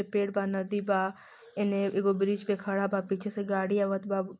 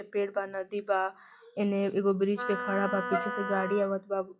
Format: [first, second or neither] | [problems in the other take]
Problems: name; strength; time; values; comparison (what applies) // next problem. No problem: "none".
first | noise reduction (classical method log-MMSE)